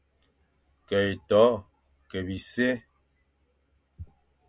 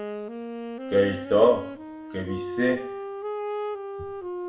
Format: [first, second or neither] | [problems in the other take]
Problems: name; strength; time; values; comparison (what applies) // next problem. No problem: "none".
first | background sound (Wind instrument, woodwind instrument); 6 dB below the speech // room echo; dies away in 0.5 s